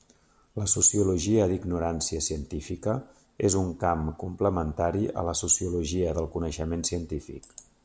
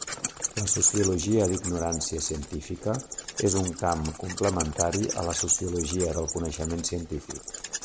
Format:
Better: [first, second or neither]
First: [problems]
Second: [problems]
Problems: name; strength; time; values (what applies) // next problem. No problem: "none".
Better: first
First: none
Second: background sound (Wild animals); 7 dB below the speech